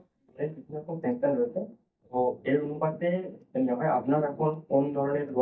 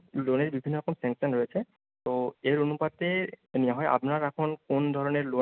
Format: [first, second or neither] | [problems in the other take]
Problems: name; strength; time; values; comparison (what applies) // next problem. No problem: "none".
second | noise reduction (neural mask model DeepFilterNet 3)